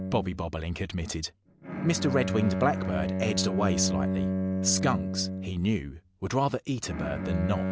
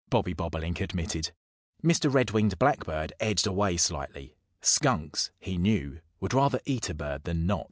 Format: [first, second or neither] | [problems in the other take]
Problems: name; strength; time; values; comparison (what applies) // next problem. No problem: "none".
second | background sound (Bowed string instrument); 2 dB below the speech